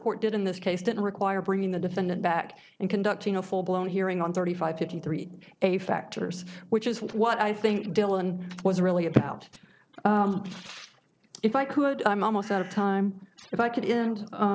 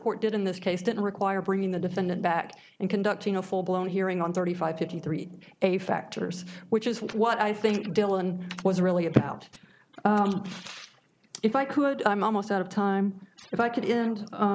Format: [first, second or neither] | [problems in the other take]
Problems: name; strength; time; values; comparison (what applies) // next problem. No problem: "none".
second | noise reduction (neural separator model SepFormer DNS4)